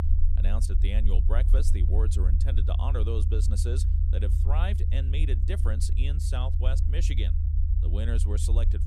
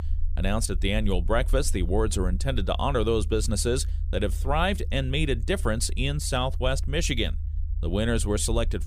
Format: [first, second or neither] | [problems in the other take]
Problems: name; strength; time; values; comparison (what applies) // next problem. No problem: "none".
second | low rumble; loud; throughout; 5 dB below the speech; faint in the second